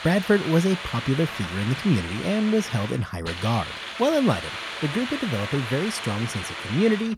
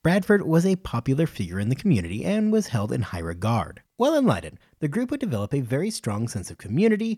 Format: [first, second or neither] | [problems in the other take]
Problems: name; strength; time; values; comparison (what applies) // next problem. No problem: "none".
second | hiss; loud; throughout; 7 dB below the speech